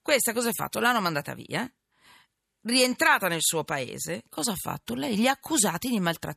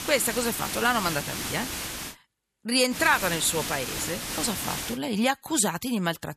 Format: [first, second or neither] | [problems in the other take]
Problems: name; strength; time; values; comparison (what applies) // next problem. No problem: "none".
first | hiss; loud; until 2 s and from 3 to 5 s; 6 dB below the speech